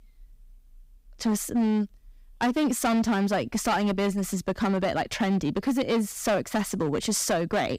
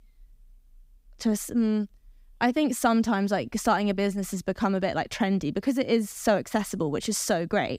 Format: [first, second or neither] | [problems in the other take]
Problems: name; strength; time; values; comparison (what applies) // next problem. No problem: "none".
second | distortion; slight; 11% of the sound clipped